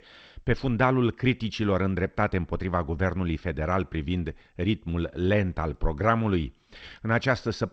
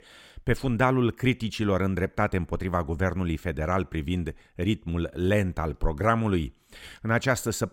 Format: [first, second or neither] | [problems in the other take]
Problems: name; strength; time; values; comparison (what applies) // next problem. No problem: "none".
second | garbled, watery; slightly